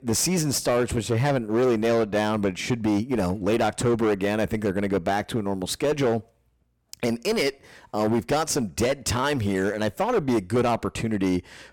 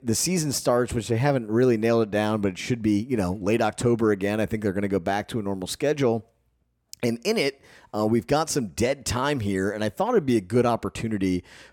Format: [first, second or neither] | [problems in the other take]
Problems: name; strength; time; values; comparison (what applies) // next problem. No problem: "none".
second | distortion; slight; 14% of the sound clipped